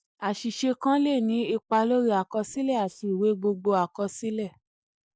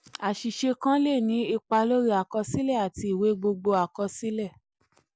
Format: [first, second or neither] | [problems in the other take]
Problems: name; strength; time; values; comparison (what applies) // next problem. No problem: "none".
second | noise reduction (neural mask model DeepFilterNet 3)